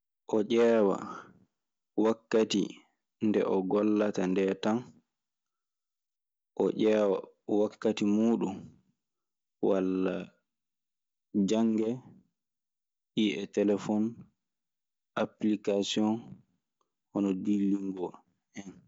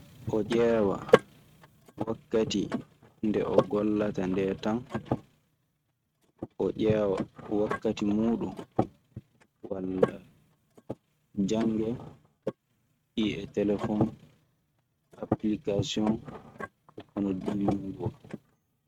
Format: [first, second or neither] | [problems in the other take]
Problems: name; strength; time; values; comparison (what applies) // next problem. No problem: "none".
first | noise reduction (neural mask model RNNoise)